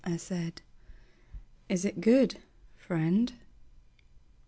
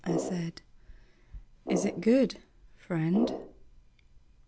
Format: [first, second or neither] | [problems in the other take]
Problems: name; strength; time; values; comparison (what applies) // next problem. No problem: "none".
first | background sound (Brass instrument); 6 dB below the speech